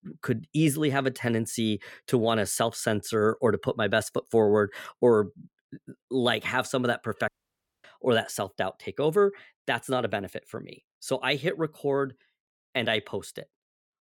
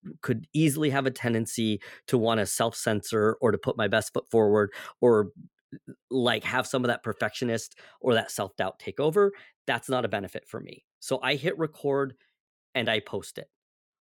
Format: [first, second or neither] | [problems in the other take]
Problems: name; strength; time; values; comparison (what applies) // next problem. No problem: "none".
second | audio cutting out; at 7.5 s for 0.5 s